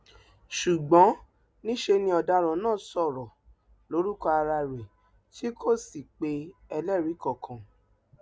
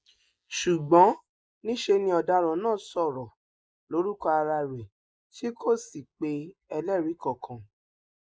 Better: first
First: none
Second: noise reduction (neural mask model Resemble Enhance denoiser)

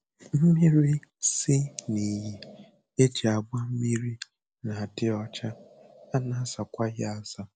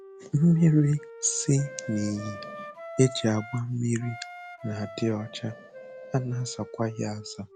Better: first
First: none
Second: background sound (Wind instrument, woodwind instrument); 16 dB below the speech

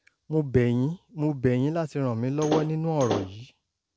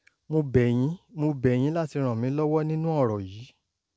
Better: second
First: background sound (Slam / Wood); 5 dB below the speech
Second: none

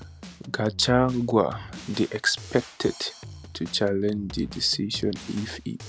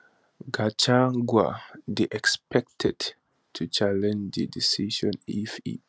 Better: second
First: background sound (Drum kit); 15 dB below the speech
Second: none

